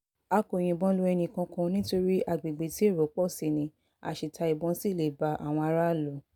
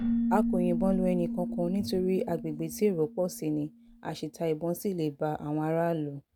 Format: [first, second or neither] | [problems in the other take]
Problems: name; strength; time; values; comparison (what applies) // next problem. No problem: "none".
first | background sound (Keyboard (musical)); 4 dB below the speech